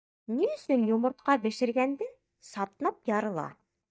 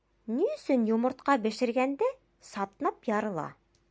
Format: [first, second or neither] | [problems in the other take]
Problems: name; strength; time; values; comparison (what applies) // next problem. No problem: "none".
second | noise reduction (neural mask model DeepFilterNet 3)